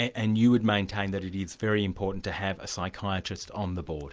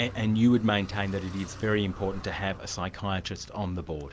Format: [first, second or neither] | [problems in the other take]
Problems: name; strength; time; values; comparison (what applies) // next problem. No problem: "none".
first | background sound (Car); 16 dB below the speech